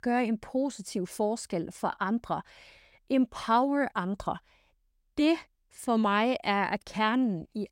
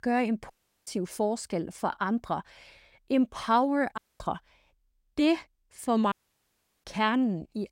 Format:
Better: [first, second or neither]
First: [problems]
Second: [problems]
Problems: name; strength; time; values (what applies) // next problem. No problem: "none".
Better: first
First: none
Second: audio cutting out; at 0.5 s, at 4 s and at 6 s for 0.5 s